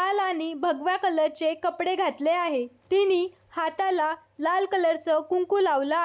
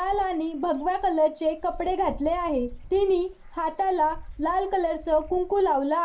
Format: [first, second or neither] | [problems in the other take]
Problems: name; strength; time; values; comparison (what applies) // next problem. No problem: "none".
first | background sound (Bird / Dog); 16 dB below the speech // room echo; dies away in 0.3 s